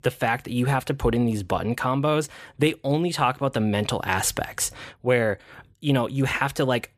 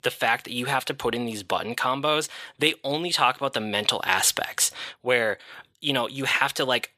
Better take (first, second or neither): first